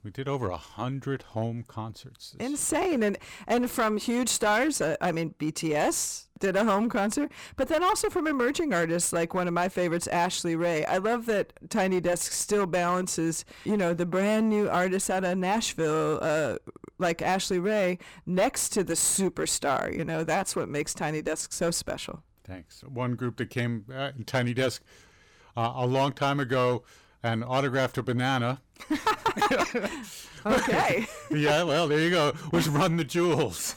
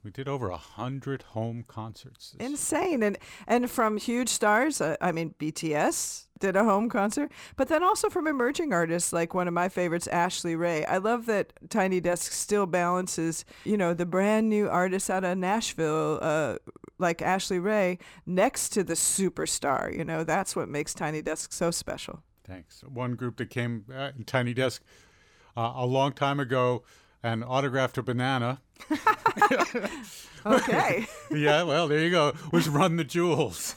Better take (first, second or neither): second